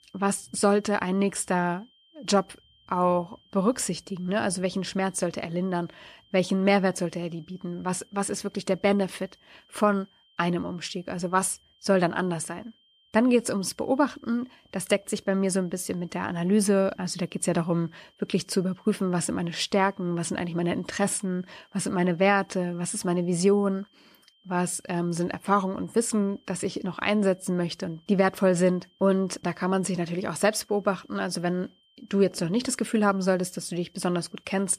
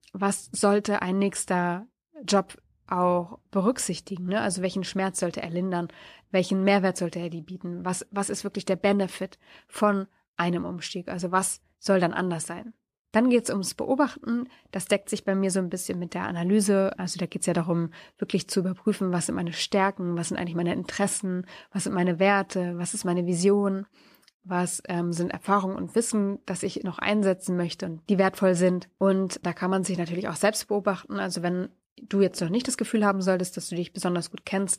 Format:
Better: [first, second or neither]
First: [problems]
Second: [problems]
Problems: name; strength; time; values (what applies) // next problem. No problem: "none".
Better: second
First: high-pitched whine; faint; throughout; 3 kHz, 35 dB below the speech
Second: none